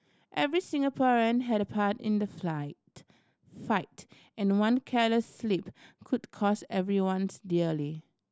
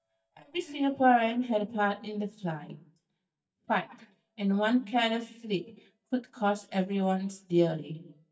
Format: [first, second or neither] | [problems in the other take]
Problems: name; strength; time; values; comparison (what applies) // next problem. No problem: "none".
first | noise reduction (neural mask model DeepFilterNet 3)